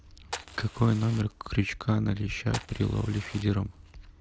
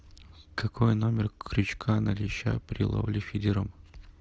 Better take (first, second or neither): second